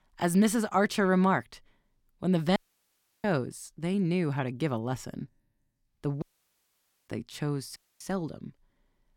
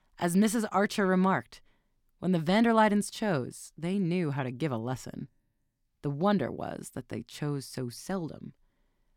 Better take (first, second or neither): second